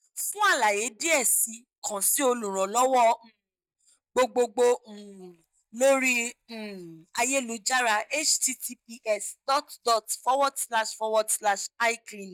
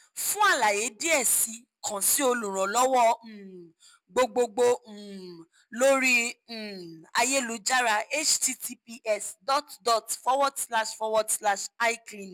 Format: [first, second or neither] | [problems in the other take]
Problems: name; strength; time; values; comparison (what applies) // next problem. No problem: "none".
second | noise reduction (neural mask model DeepFilterNet 3)